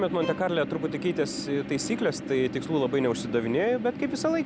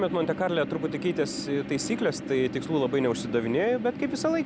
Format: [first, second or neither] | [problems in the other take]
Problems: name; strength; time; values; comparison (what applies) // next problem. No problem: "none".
second | background sound (Bowed string instrument); 19 dB below the speech